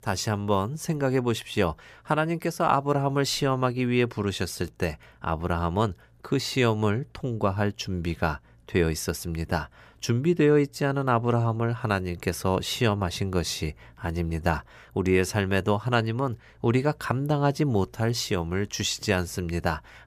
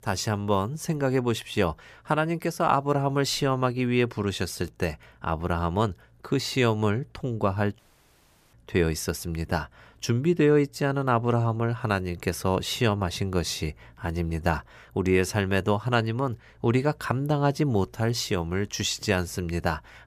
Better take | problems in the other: first | audio cutting out; at 8 s for 0.5 s

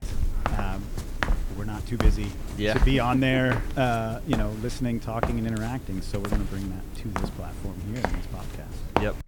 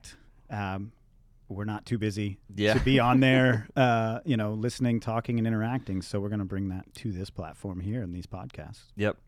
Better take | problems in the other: second | footsteps; loud; peak 3 dB above the speech

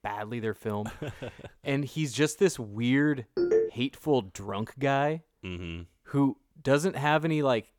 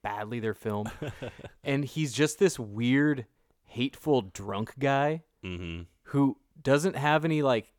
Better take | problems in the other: second | phone ringing; loud; at 3.5 s; peak 3 dB above the speech

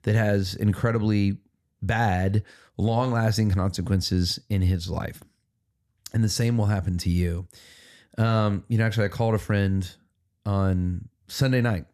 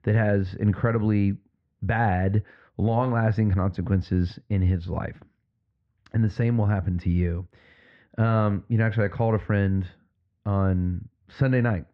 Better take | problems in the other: first | muffled; very; fading above 2.5 kHz

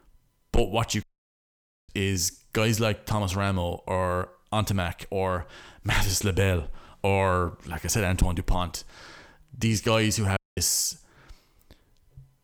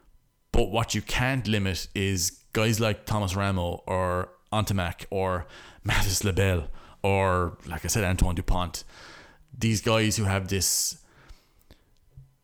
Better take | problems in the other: second | audio cutting out; at 1 s for 1 s and at 10 s

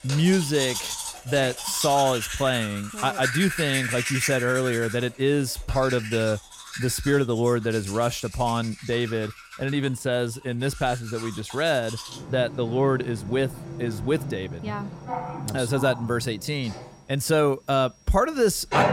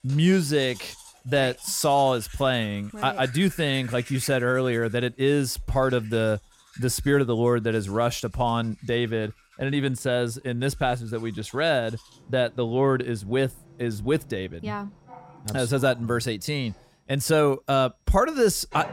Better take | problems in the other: second | household noises; loud; throughout; 8 dB below the speech; faint in the second

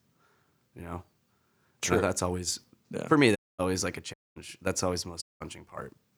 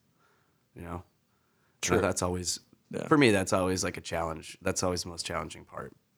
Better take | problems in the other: second | audio cutting out; at 3.5 s, at 4 s and at 5 s

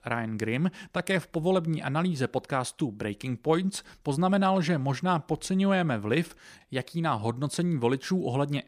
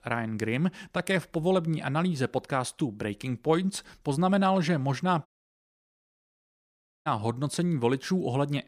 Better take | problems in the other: first | audio cutting out; at 5.5 s for 2 s

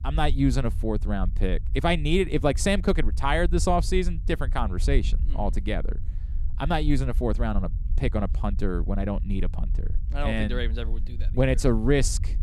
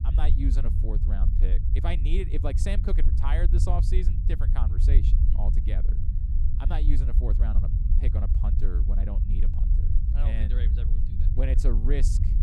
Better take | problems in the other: first | low rumble; loud; throughout; 5 dB below the speech; faint in the first

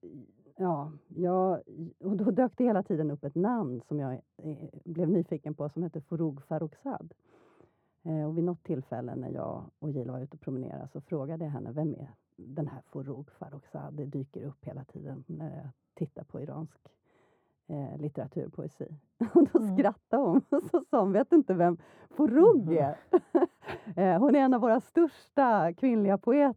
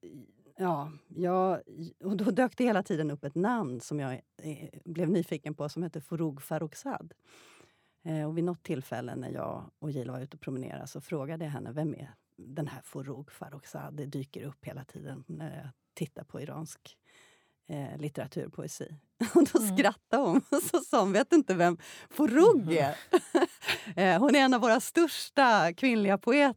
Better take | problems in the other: second | muffled; very; fading above 2 kHz

